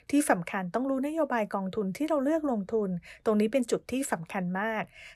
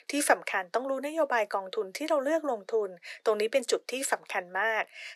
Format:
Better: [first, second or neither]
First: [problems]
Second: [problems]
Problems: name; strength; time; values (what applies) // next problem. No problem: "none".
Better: first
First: none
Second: thin; somewhat; fading below 350 Hz